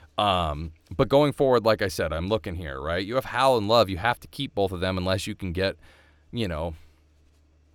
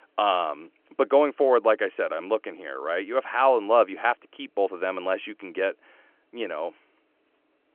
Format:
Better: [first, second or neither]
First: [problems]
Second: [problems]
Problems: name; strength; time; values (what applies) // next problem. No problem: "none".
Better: first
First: none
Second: phone-call audio